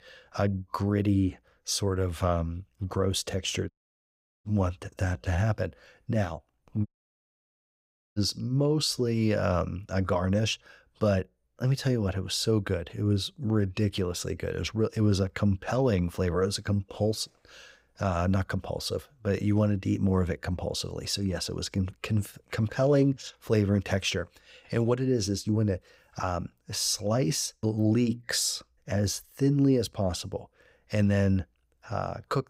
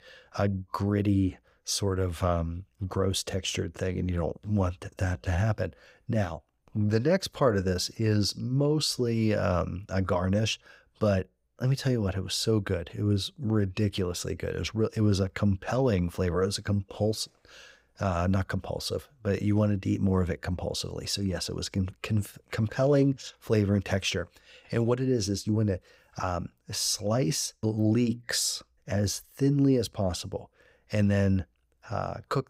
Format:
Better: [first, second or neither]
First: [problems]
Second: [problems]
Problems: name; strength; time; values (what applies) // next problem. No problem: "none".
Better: second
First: audio cutting out; at 3.5 s for 0.5 s and at 7 s for 1.5 s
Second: none